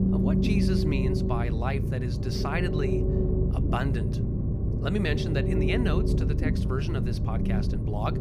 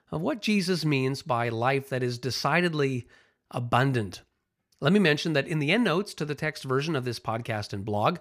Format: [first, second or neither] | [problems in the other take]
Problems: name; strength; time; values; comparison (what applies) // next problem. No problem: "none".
second | low rumble; loud; throughout; 1 dB below the speech